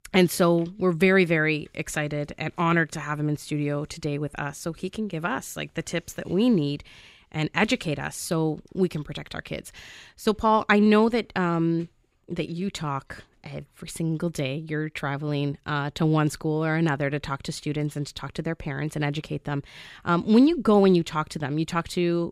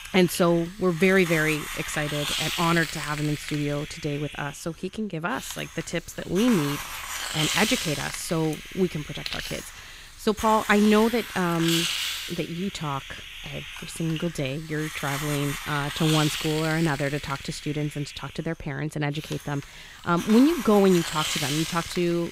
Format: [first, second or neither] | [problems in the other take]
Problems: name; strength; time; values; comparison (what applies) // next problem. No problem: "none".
first | hiss; loud; throughout; 6 dB below the speech